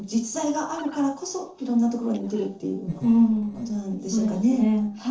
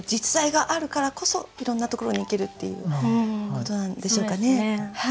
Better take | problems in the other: second | noise reduction (neural separator model SepFormer DNS4)

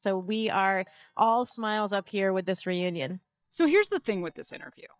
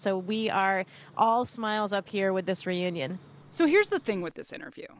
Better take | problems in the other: second | noise reduction (neural mask model DeepFilterNet 3)

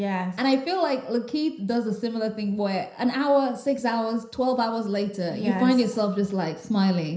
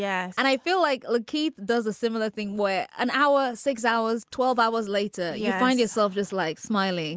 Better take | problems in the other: second | room echo; dies away in 0.5 s

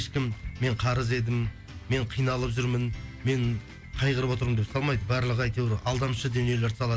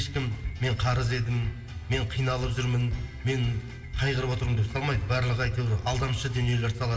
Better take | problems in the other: first | background sound (Bass drum); 18 dB below the speech // room echo; dies away in 1.9 s

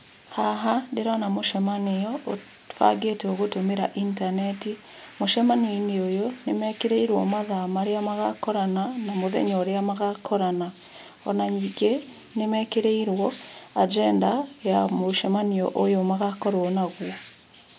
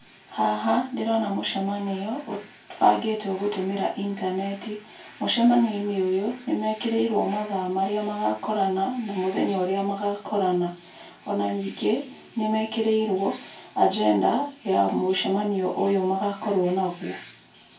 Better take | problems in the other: first | room echo; dies away in 0.2 s

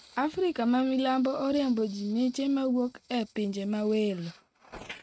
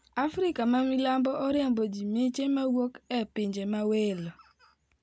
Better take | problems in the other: second | noise reduction (neural mask model RNNoise)

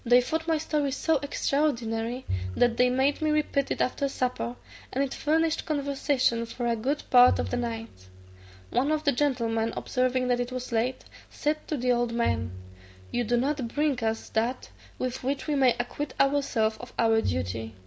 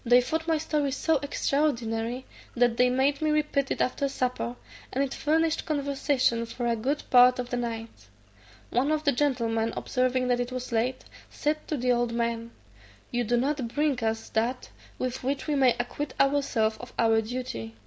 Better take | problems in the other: second | background sound (Bowed string instrument); 13 dB below the speech

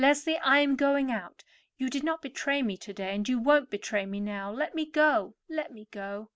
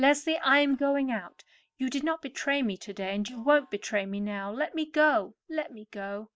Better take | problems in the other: first | noise reduction (neural mask model DeepFilterNet 3)

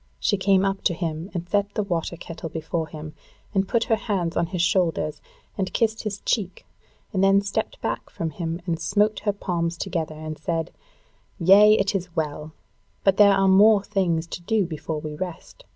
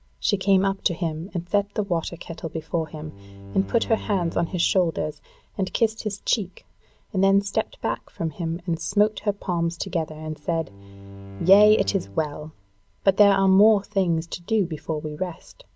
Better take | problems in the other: first | background sound (Bowed string instrument); 16 dB below the speech

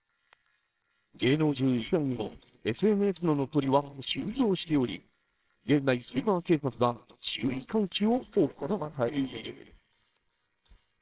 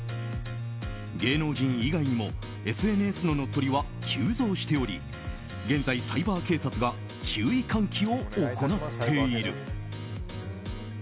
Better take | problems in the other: second | noise reduction (neural separator model SepFormer WHAMR!)

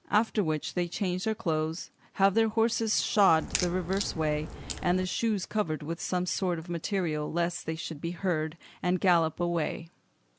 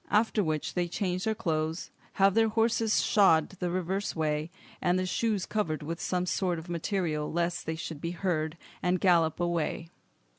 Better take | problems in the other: second | background sound (Crack); 8 dB below the speech

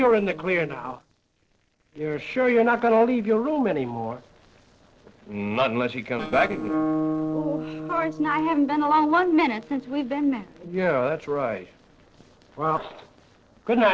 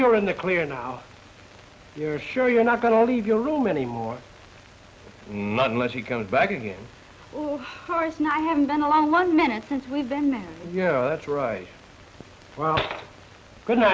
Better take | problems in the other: second | noise reduction (neural separator model SepFormer DNS4)

